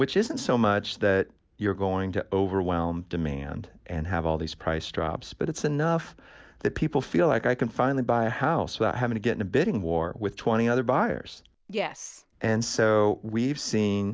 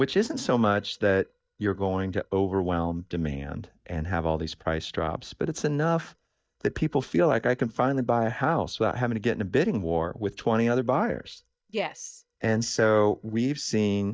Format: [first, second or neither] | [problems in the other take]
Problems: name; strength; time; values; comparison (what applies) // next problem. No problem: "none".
first | noise reduction (neural mask model DeepFilterNet 3)